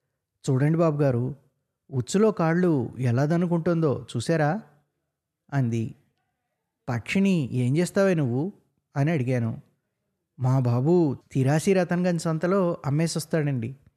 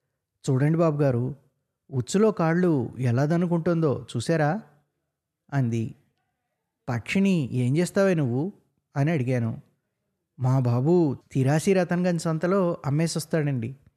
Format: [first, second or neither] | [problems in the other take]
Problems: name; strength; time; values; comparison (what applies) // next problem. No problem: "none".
neither | none